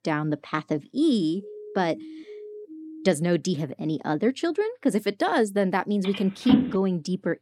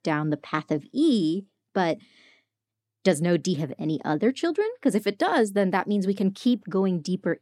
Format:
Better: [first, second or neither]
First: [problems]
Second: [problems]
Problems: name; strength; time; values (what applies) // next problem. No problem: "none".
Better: second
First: siren; faint; from 1.5 to 3 s; peak 15 dB below the speech // phone ringing; loud; at 6.5 s; peak 4 dB above the speech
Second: none